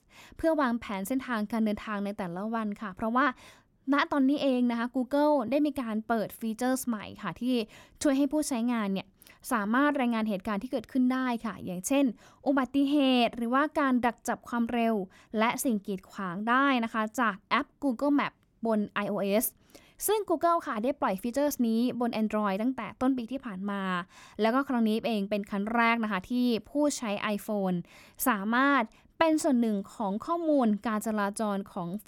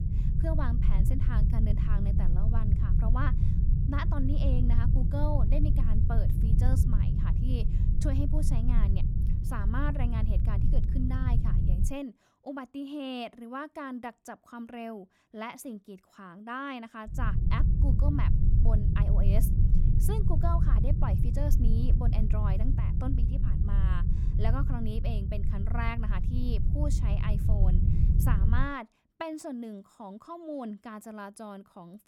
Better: first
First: none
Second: low rumble; loud; until 12 s and from 17 to 29 s; 3 dB below the speech

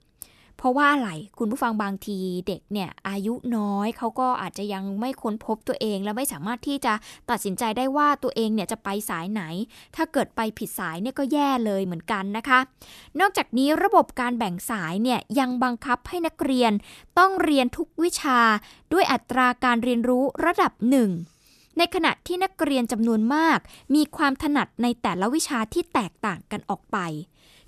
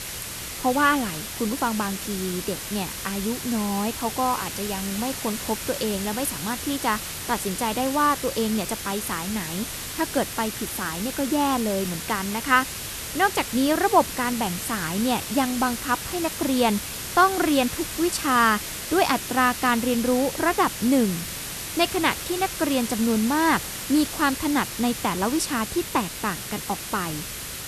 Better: first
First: none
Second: hiss; loud; throughout; 6 dB below the speech

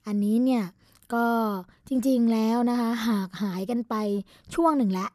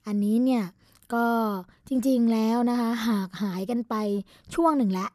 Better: neither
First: none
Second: none

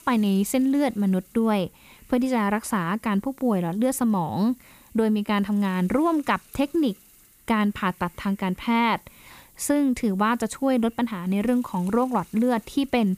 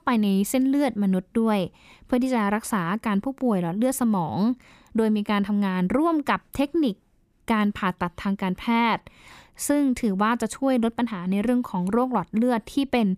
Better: second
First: hiss; faint; throughout; 25 dB below the speech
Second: none

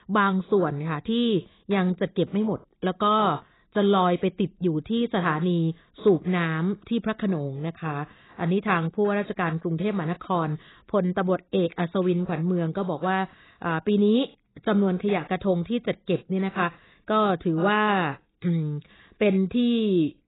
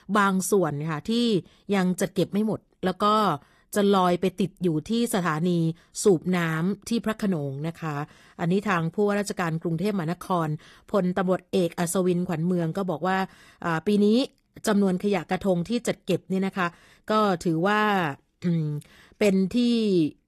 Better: second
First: garbled, watery; badly; nothing above 4 kHz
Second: garbled, watery; slightly; nothing above 13.5 kHz

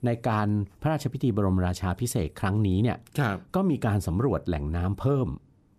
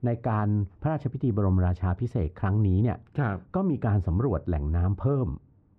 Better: first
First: none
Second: muffled; very; fading above 1.5 kHz

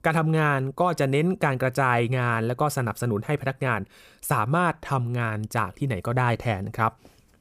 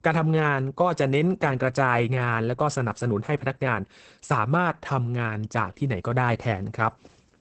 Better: first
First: none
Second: garbled, watery; badly; nothing above 8 kHz

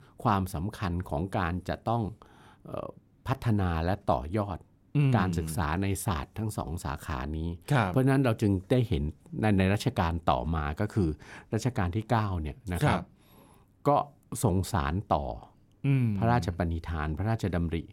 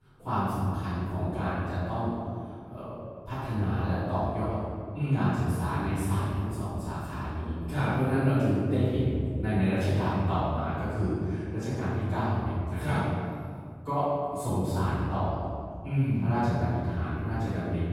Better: first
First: none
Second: room echo; strong; dies away in 2 s // off-mic speech; far

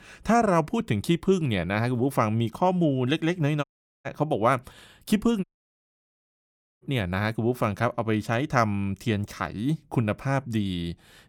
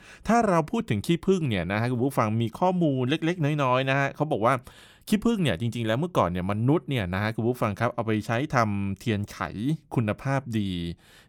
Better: second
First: audio cutting out; at 3.5 s and at 5.5 s for 1.5 s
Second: none

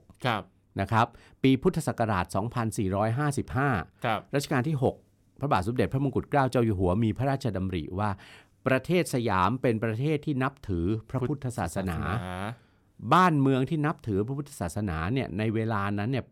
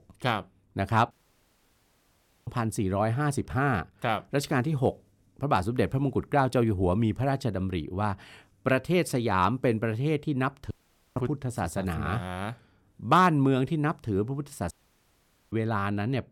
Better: first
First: none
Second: audio cutting out; at 1 s for 1.5 s, at 11 s and at 15 s for 1 s

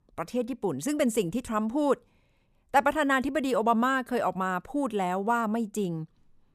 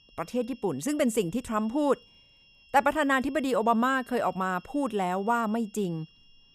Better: first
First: none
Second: high-pitched whine; faint; throughout; 3 kHz, 25 dB below the speech

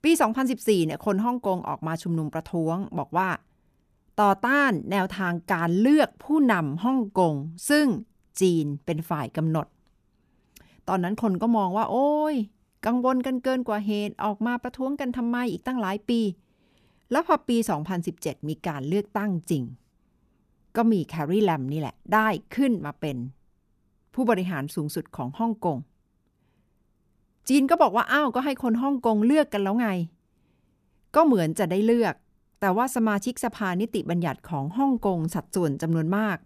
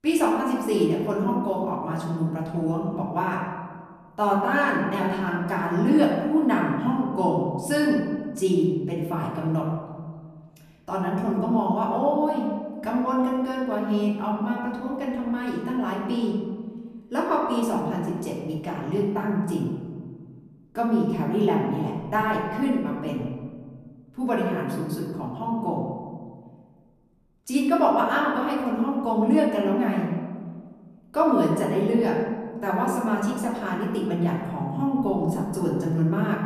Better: first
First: none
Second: room echo; noticeable; dies away in 1.5 s // off-mic speech; far

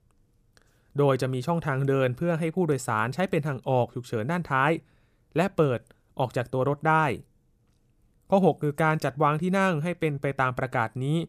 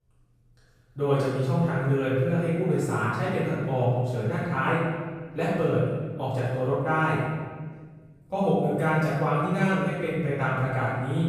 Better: first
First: none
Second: off-mic speech; far // room echo; strong; dies away in 1.4 s

